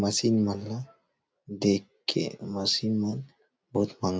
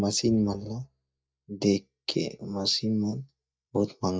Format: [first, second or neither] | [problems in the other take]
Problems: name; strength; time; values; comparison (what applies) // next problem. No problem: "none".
first | noise reduction (neural mask model DeepFilterNet 3)